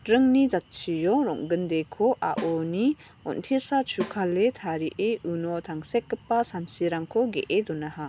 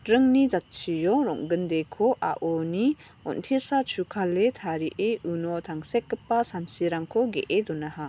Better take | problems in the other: second | background sound (Snare drum); 16 dB below the speech

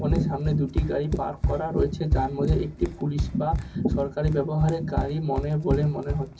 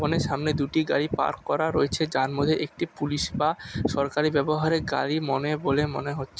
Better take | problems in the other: second | background sound (Run); 4 dB below the speech // room echo; dies away in 0.3 s

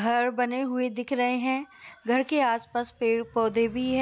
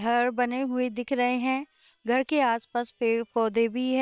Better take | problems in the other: first | noise reduction (neural separator model SepFormer WHAM!)

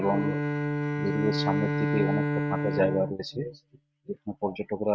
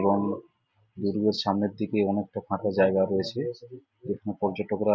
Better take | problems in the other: second | noise reduction (neural mask model RNNoise)

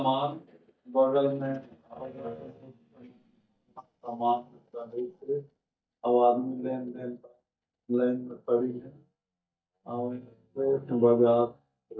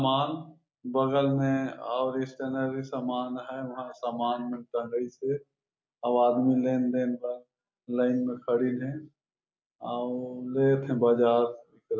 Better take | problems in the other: second | noise reduction (neural mask model DeepFilterNet 3)

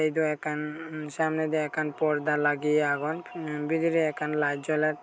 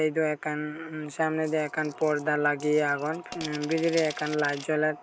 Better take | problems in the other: first | background sound (Coin (dropping)); 17 dB below the speech

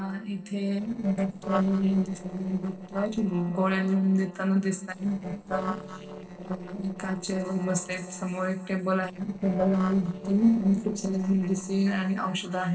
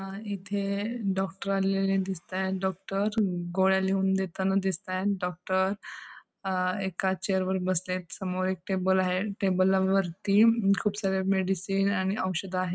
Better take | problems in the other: second | noise reduction (neural separator model SepFormer DNS4)

